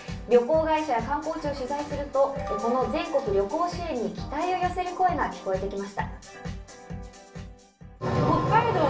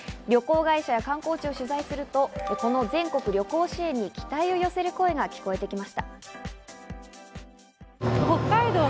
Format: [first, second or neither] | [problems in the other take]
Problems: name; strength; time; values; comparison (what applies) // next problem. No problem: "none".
second | room echo; dies away in 0.3 s